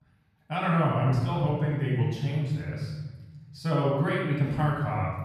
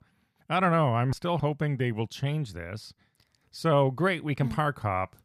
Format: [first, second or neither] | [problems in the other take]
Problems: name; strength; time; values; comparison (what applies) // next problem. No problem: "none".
second | off-mic speech; far // room echo; noticeable; dies away in 1.5 s